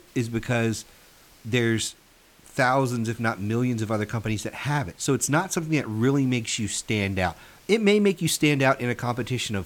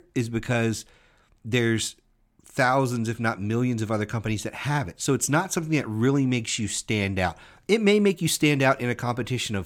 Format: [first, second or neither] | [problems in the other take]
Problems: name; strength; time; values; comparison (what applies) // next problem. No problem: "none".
second | hiss; faint; throughout; 30 dB below the speech